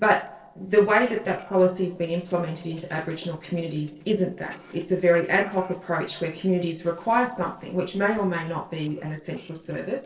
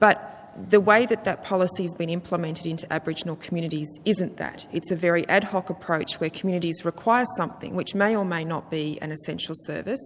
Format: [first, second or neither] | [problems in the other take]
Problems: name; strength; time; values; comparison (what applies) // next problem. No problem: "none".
second | noise reduction (neural separator model SepFormer DNS4)